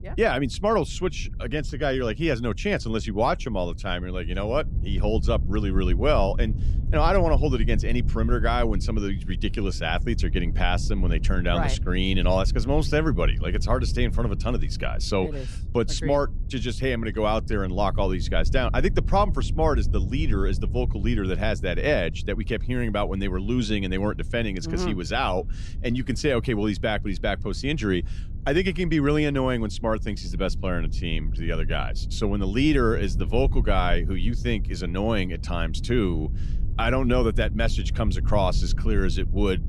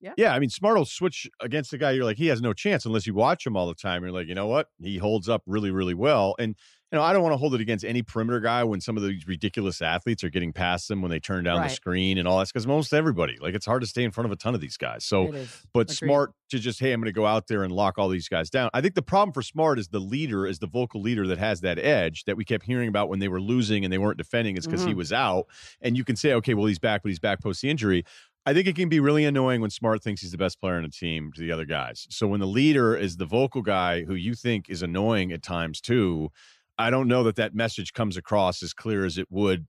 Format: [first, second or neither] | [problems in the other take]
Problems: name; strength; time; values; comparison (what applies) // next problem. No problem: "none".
second | low rumble; noticeable; throughout; 20 dB below the speech